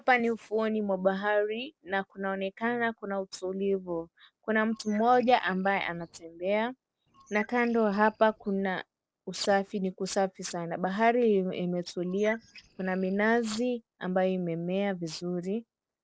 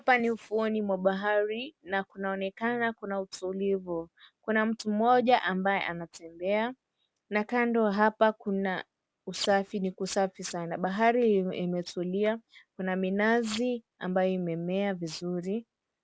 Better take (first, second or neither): second